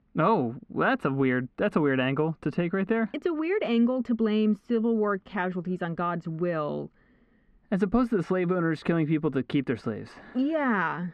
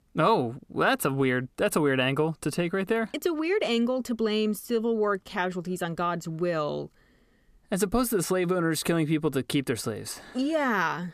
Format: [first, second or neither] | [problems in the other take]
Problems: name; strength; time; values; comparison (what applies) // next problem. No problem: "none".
second | muffled; very; fading above 2 kHz